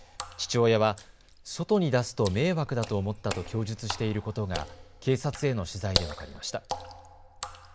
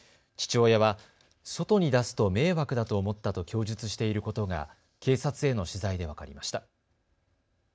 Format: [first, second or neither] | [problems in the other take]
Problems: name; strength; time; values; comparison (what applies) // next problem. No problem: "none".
second | background sound (Water / Splash, splatter); 10 dB below the speech